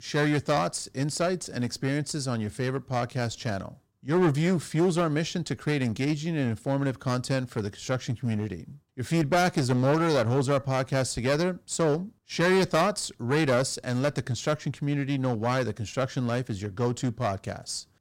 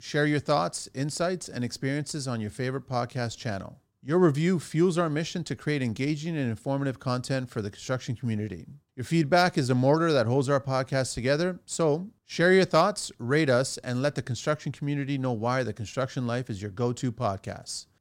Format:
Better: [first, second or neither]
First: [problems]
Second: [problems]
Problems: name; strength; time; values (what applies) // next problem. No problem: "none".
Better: second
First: distortion; slight; 8% of the sound clipped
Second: none